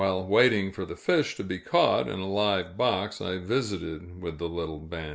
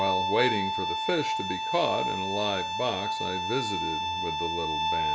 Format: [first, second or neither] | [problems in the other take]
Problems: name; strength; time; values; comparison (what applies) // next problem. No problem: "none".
first | background sound (Bowed string instrument); 1 dB above the speech